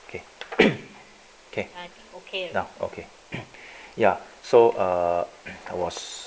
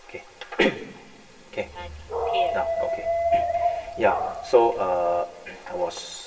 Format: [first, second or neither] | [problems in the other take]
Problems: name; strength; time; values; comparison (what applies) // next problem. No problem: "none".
first | background sound (Dog); as loud as the speech // room echo; dies away in 2.9 s